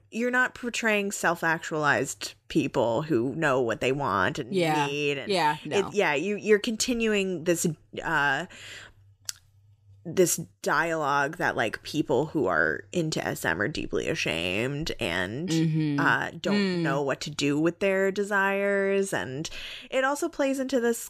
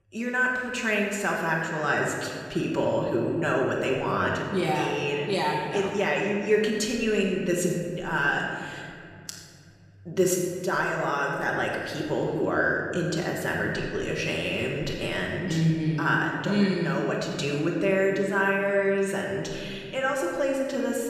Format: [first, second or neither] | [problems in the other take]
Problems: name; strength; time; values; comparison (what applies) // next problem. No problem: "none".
first | room echo; noticeable; dies away in 2.1 s // off-mic speech; somewhat distant